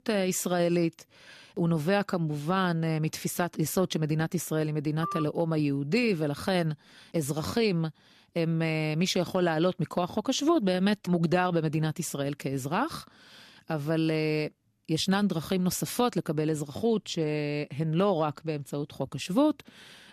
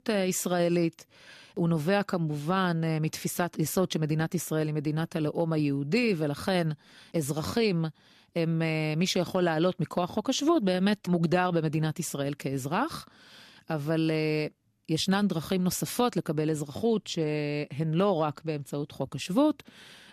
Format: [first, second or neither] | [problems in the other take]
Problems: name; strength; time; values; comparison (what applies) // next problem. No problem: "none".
second | phone ringing; noticeable; at 5 s; peak 7 dB below the speech